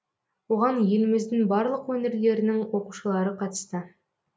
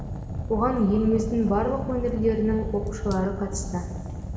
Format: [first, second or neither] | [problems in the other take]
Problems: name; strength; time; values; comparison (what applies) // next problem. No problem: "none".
first | background sound (Fire); 6 dB below the speech // room echo; dies away in 2.4 s